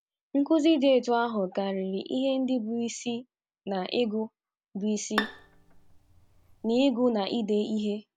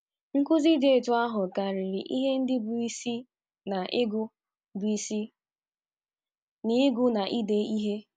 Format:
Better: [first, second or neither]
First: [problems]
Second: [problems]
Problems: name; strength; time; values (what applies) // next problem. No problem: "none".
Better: second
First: background sound (Bowed string instrument); 11 dB below the speech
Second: none